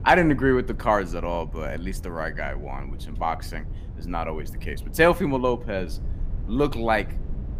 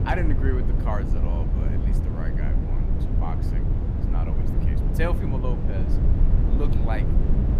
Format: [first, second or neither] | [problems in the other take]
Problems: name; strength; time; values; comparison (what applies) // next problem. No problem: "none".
first | low rumble; loud; throughout; 2 dB below the speech; faint in the first